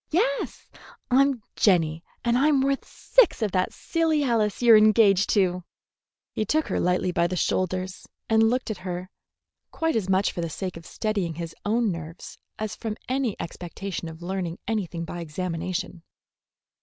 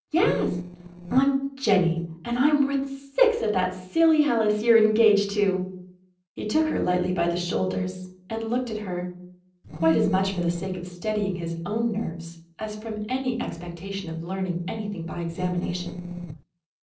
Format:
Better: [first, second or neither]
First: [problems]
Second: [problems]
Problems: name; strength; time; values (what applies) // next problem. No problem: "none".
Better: first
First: none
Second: noise reduction (neural separator model SepFormer DNS4)